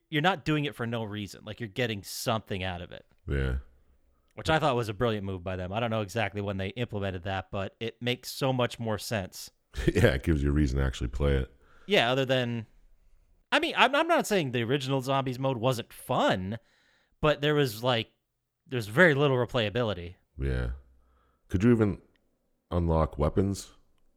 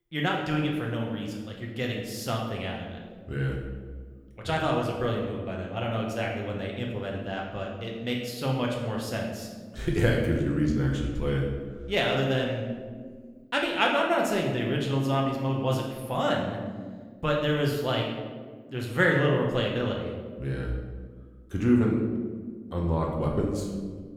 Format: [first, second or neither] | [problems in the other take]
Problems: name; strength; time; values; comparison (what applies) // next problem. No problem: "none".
first | room echo; noticeable; dies away in 1.2 s // off-mic speech; somewhat distant